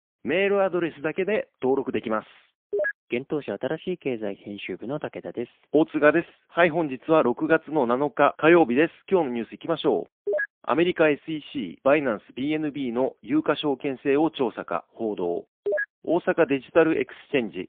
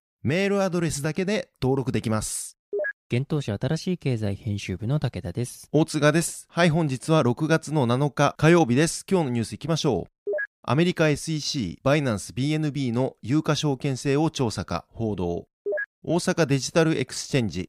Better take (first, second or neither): second